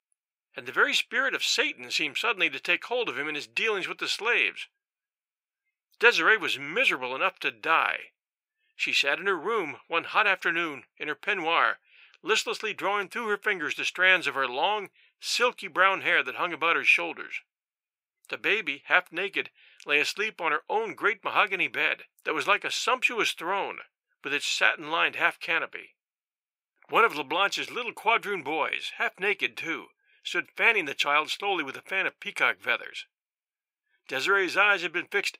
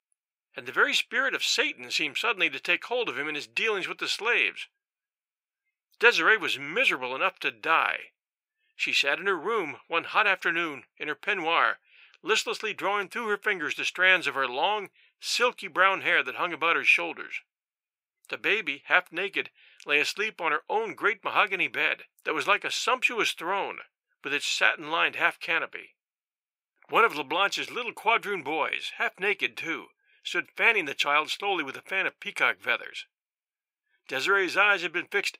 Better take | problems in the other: neither | thin; very; fading below 650 Hz; the same in both

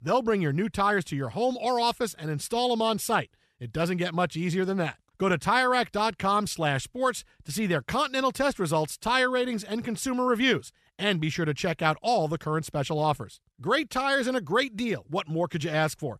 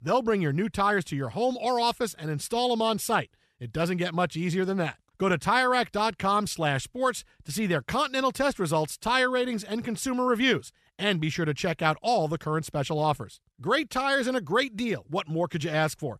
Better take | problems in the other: neither | none

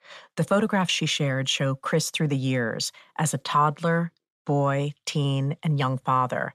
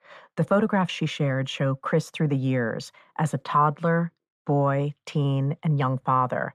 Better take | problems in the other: first | muffled; slightly; fading above 2.5 kHz

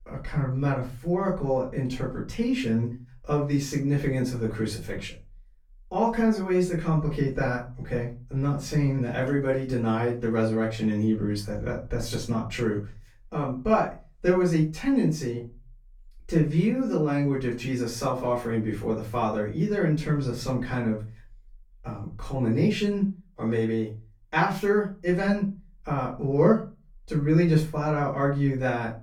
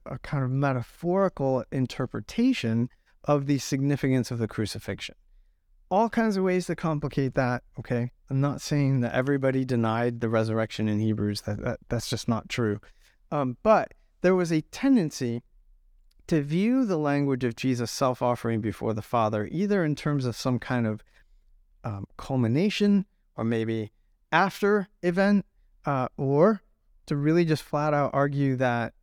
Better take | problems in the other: second | off-mic speech; far // room echo; slight; dies away in 0.3 s

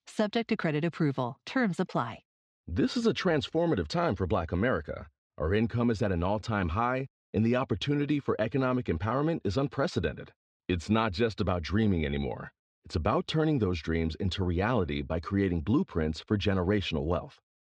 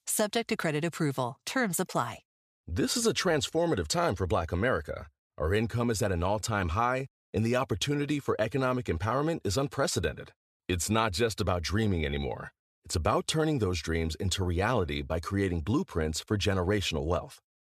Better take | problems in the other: second | muffled; very slightly; fading above 4 kHz

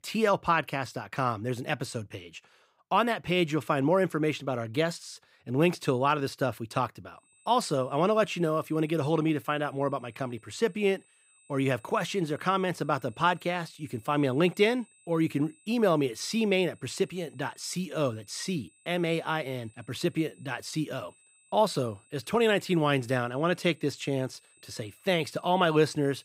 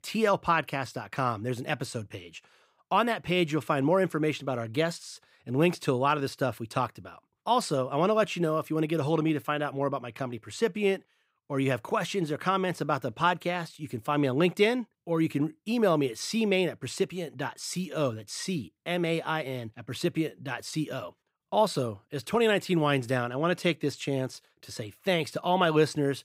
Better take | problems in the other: second | high-pitched whine; faint; from 7.5 s on; 8 kHz, 30 dB below the speech

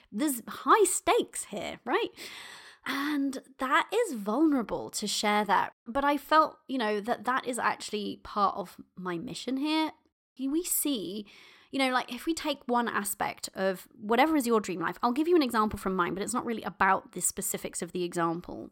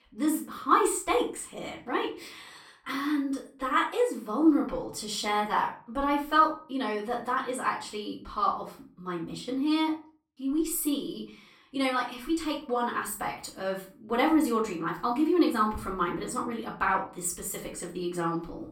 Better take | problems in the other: first | off-mic speech; far // room echo; slight; dies away in 0.3 s

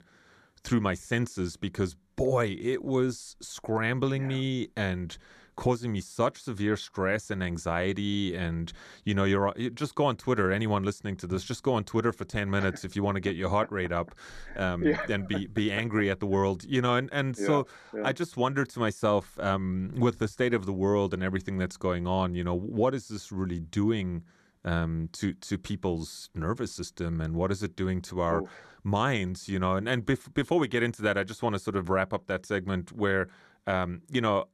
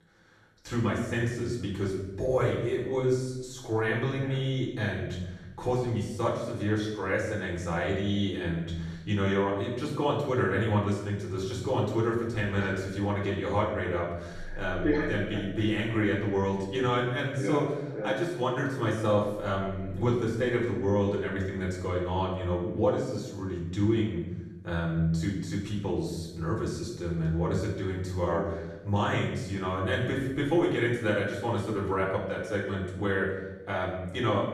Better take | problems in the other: first | off-mic speech; far // room echo; noticeable; dies away in 0.9 s

